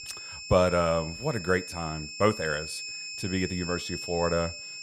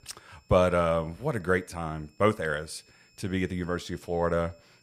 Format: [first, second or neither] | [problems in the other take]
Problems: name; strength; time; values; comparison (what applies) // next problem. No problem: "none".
second | high-pitched whine; loud; throughout; 5.5 kHz, 8 dB below the speech; faint in the second